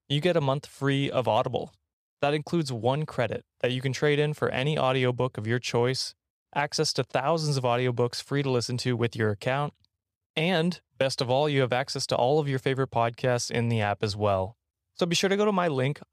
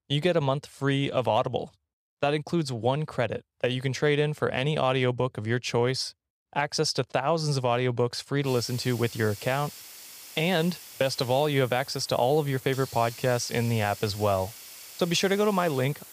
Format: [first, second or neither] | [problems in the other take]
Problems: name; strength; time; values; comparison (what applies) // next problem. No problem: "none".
first | hiss; noticeable; from 8.5 s on; 15 dB below the speech